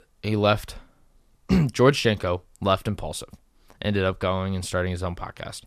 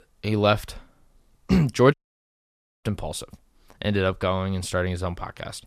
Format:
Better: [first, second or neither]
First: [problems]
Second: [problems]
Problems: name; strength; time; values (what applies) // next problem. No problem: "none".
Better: first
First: none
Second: audio cutting out; at 2 s for 1 s